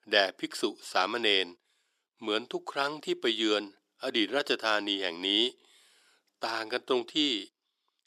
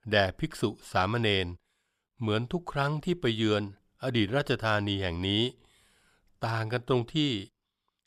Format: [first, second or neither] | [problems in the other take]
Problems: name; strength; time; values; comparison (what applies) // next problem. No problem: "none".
second | thin; somewhat; fading below 300 Hz